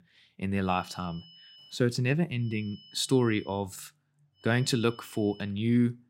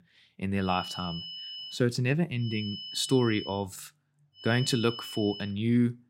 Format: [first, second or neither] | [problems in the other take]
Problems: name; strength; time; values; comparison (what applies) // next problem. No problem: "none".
first | high-pitched whine; loud; from 0.5 to 1.5 s, from 2.5 to 3.5 s and from 4.5 to 5.5 s; 3 kHz, 10 dB below the speech; faint in the first